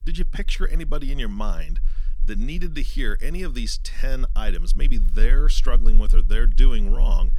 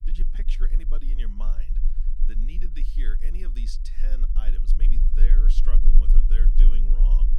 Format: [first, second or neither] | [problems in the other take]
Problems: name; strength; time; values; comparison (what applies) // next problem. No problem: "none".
first | low rumble; loud; throughout; 6 dB below the speech; faint in the first